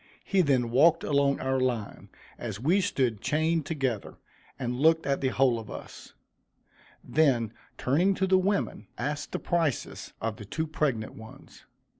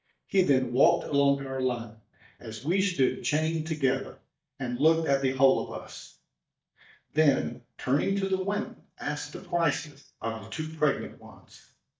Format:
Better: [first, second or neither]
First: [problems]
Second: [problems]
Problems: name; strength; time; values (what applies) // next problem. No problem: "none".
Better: first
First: none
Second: noise reduction (neural mask model DeepFilterNet 3)